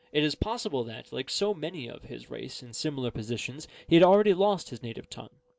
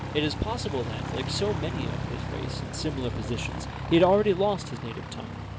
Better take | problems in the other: first | background sound (Aircraft); 5 dB below the speech

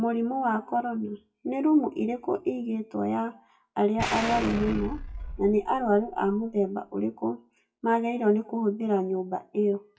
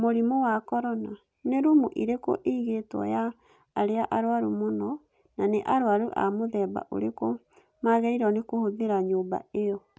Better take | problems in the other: second | noise reduction (classical method WPE with log-MMSE)

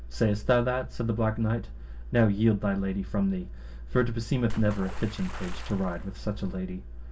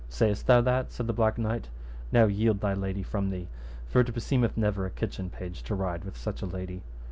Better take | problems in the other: second | background sound (Water / Splash, splatter); 7 dB below the speech // room echo; dies away in 0.2 s

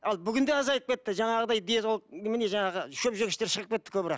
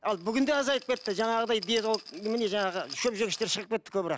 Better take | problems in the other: first | background sound (Rattle); 16 dB below the speech

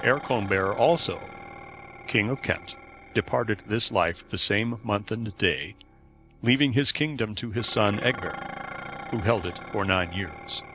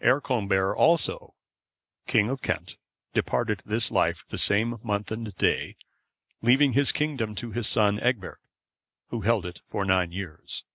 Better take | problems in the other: second | background sound (Dishes, pots, and pans); 14 dB below the speech

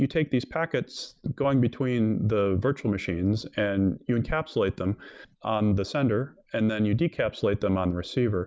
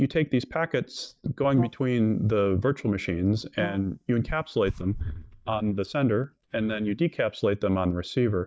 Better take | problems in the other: first | noise reduction (neural mask model DeepFilterNet 3)

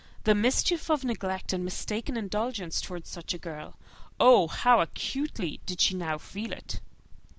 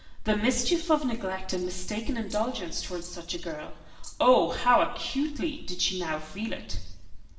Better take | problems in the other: first | background sound (Rattle (instrument)); 20 dB below the speech // room echo; dies away in 1 s

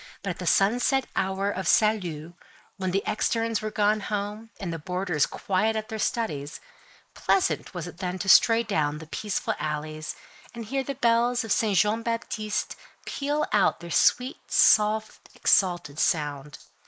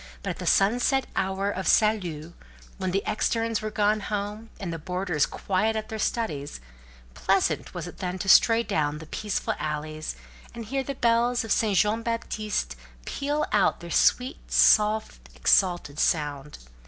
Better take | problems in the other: second | noise reduction (neural mask model Resemble Enhance denoiser)

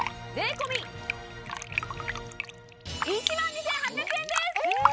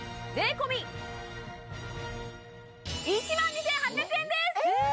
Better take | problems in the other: second | background sound (Fill (with liquid)); 2 dB below the speech

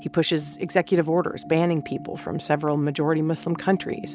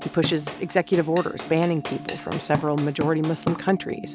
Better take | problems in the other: first | background sound (Drum / Drum kit); 10 dB below the speech

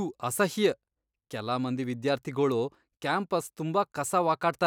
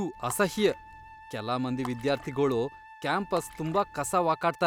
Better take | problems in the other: first | background sound (Water / Splash, splatter + Wind instrument, woodwind instrument); 17 dB below the speech

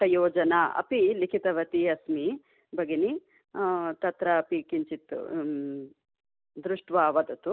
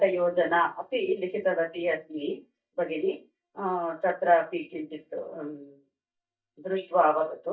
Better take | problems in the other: first | noise reduction (neural mask model DeepFilterNet 3)

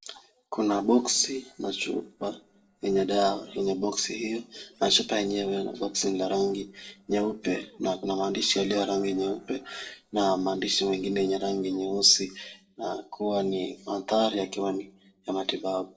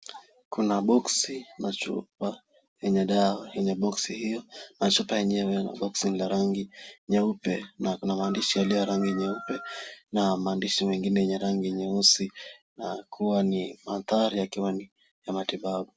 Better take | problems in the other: second | noise reduction (neural separator model SepFormer DNS4)

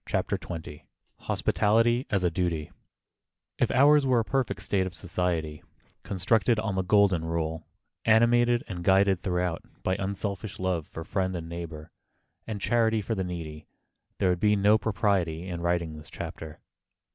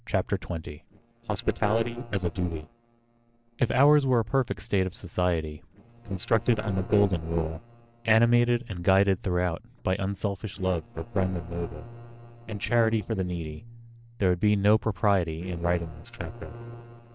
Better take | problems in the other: first | noise reduction (neural separator model SepFormer DNS4)

